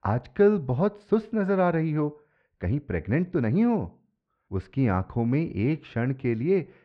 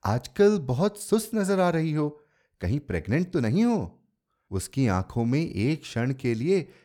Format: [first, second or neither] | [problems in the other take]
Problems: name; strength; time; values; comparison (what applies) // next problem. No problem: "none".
second | muffled; very; fading above 2.5 kHz